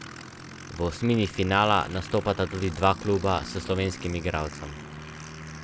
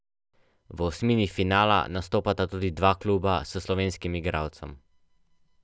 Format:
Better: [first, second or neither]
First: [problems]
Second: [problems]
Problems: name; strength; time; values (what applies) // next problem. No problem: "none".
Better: second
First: background sound (Aircraft); 13 dB below the speech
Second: none